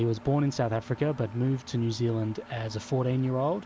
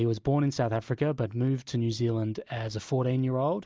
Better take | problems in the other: second | background sound (Engine); 20 dB below the speech

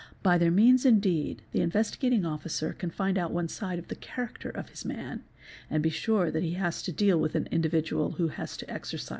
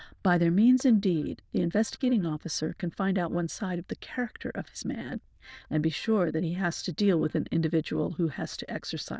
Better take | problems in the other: first | noise reduction (neural diffusion model UNIVERSE++)

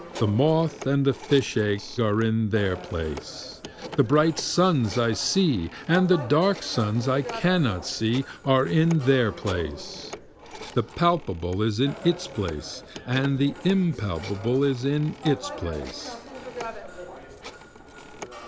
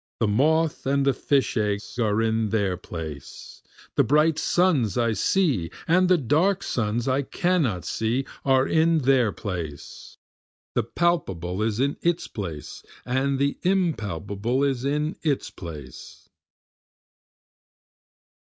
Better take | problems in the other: second | background sound (Telephone); 14 dB below the speech

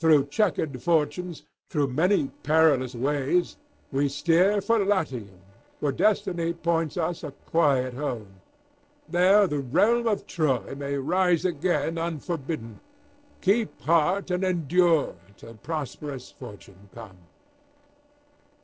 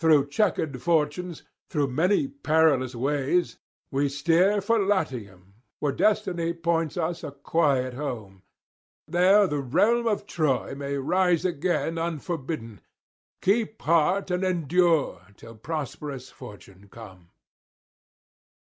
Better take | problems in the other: second | noise reduction (neural separator model SepFormer DNS4)

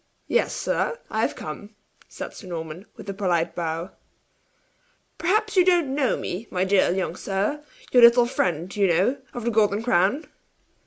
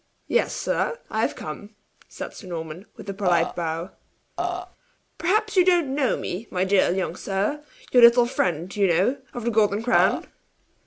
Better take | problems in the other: first | background sound (Burping, eructation); 3 dB below the speech

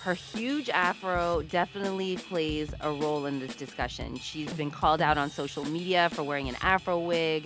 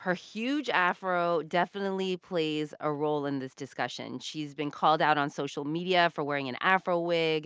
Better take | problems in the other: second | background sound (Drum / Drum kit); 12 dB below the speech

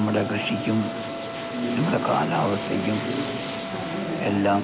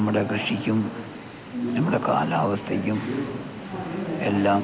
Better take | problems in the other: second | background sound (Wind instrument, woodwind instrument + Aircraft); 7 dB below the speech

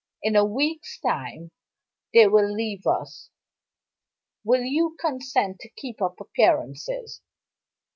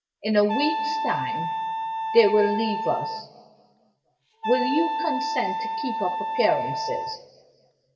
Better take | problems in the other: first | background sound (Wind instrument, woodwind instrument); 3 dB below the speech // room echo; dies away in 1.5 s

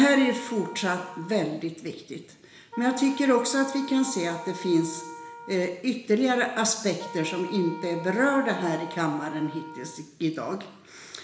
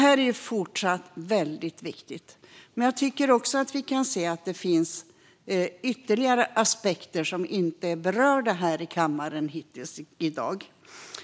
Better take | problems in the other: second | background sound (Wind instrument, woodwind instrument); 15 dB below the speech // room echo; dies away in 0.9 s

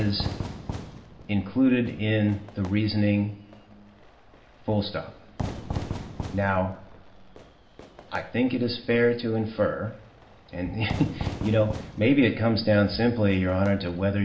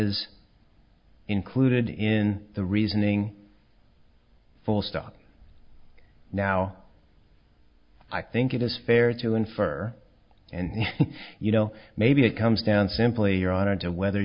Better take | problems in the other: second | background sound (Fire / Fireworks); 12 dB below the speech // room echo; dies away in 1.6 s

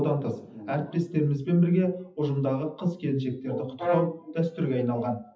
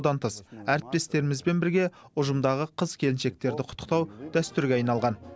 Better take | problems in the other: second | noise reduction (classical method WPE with log-MMSE)

